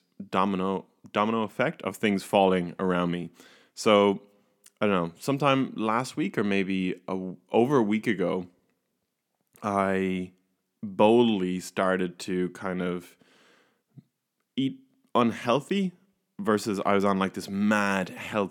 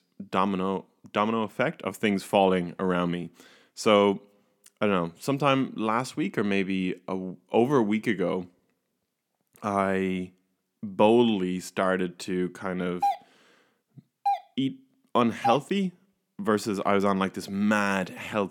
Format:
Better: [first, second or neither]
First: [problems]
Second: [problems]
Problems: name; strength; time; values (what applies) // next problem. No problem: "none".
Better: first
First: none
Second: doorbell; noticeable; from 13 to 16 s; peak 2 dB below the speech